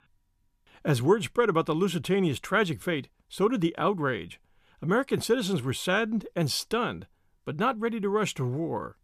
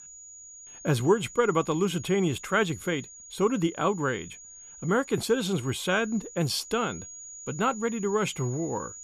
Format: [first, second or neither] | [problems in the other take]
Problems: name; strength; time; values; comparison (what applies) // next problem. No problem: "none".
first | high-pitched whine; noticeable; throughout; 7 kHz, 15 dB below the speech